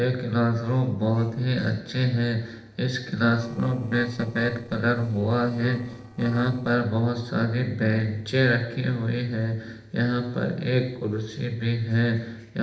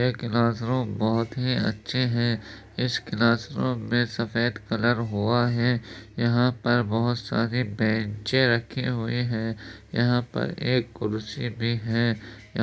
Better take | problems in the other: second | noise reduction (neural separator model SepFormer DNS4)

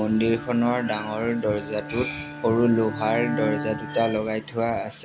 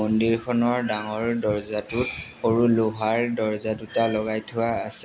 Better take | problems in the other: second | background sound (Bowed string instrument); 10 dB below the speech

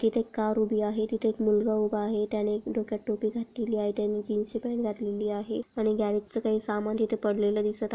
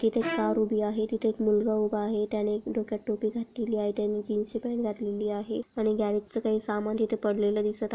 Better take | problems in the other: first | background sound (Bowed string instrument); 10 dB below the speech

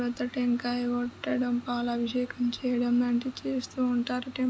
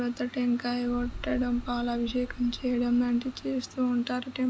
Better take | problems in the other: first | background sound (Boom); 14 dB below the speech

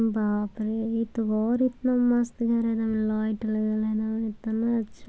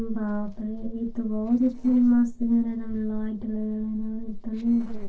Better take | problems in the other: first | noise reduction (neural separator model SepFormer DNS4)

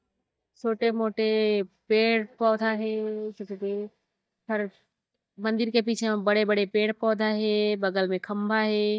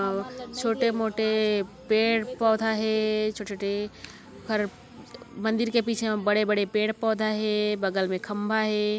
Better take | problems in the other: second | noise reduction (neural mask model DeepFilterNet 3)

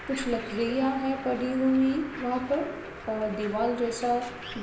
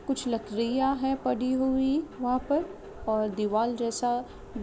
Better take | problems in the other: second | background sound (Bird); 14 dB below the speech // room echo; dies away in 0.9 s

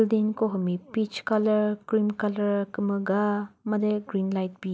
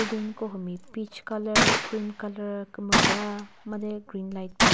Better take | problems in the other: first | background sound (Gunshot, gunfire); 5 dB above the speech

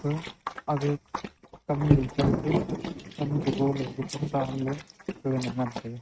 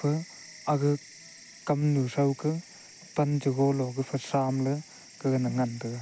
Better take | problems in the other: second | noise reduction (neural mask model RNNoise)

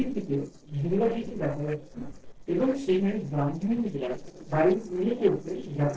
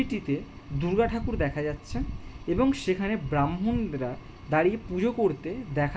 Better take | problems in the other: second | noise reduction (neural separator model SepFormer DNS4)

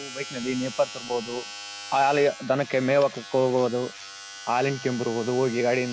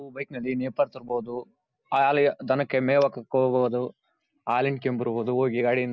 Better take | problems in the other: second | background sound (Domestic sounds, home sounds); 14 dB below the speech

